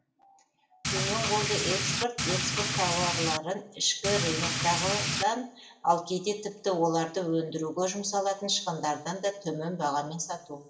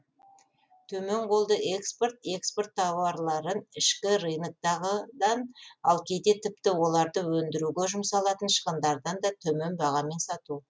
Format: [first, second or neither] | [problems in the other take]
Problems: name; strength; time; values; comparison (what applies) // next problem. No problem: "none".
second | background sound (Rain); 1 dB above the speech // room echo; dies away in 1.1 s